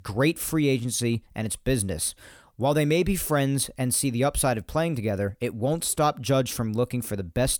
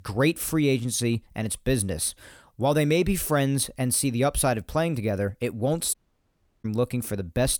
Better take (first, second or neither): first